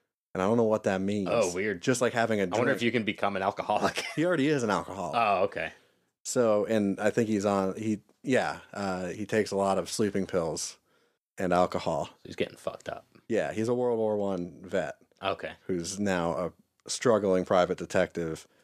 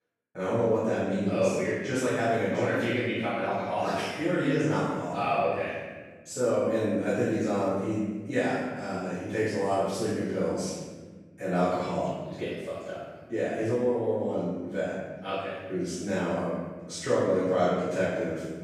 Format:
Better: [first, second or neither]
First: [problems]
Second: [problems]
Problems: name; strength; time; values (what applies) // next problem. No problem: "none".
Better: first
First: none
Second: off-mic speech; far // room echo; strong; dies away in 1.4 s